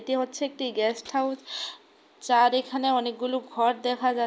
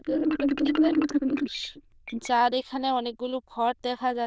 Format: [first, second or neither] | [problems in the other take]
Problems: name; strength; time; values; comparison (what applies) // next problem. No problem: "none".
first | noise reduction (neural diffusion model UNIVERSE++)